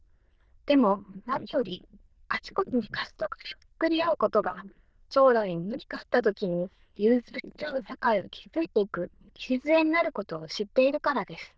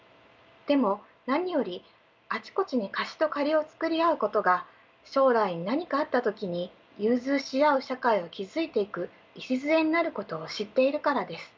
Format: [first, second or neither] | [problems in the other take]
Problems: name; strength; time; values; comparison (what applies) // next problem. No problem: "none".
second | noise reduction (neural diffusion model UNIVERSE++)